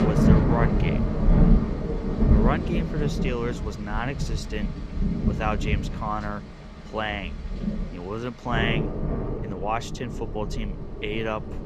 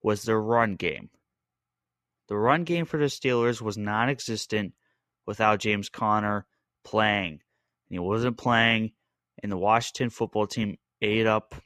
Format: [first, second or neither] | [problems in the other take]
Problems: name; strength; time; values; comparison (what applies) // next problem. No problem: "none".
second | rain or running water; very loud; throughout; 5 dB above the speech